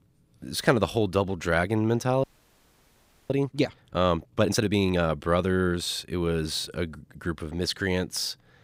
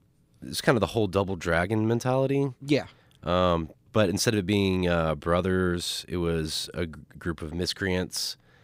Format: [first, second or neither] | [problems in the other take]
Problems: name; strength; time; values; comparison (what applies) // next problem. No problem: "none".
second | audio freezing; at 2 s for 1 s